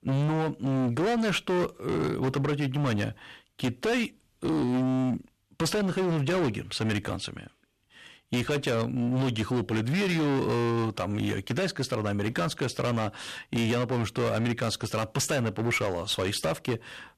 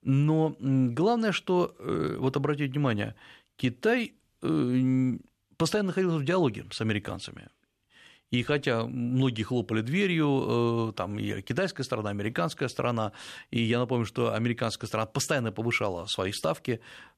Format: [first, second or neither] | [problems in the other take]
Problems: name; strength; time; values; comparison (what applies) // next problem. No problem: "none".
second | distortion; heavy; 23% of the sound clipped